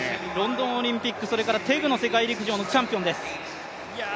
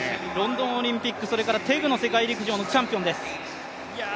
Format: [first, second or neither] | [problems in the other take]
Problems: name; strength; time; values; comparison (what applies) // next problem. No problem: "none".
first | background sound (Wind instrument, woodwind instrument); 19 dB below the speech